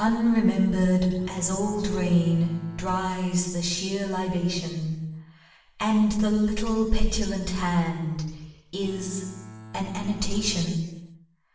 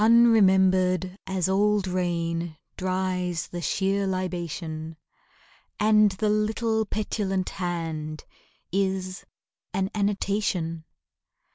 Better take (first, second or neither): second